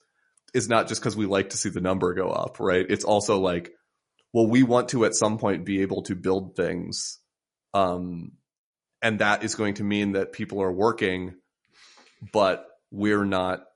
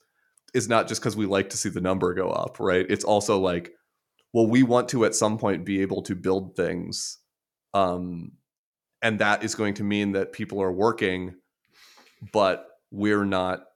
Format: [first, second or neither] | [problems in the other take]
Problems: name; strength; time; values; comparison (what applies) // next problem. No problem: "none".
second | garbled, watery; slightly; nothing above 10.5 kHz